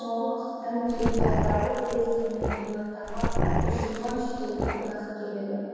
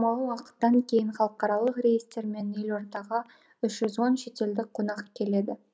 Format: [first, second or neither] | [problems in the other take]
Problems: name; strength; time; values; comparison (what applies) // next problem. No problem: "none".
second | background sound (Growling); 2 dB above the speech // room echo; dies away in 2.2 s